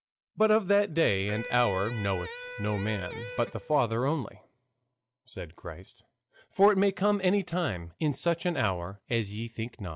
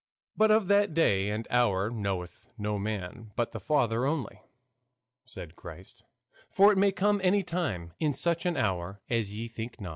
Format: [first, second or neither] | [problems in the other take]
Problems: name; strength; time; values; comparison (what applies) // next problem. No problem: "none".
second | background sound (Electric guitar); 11 dB below the speech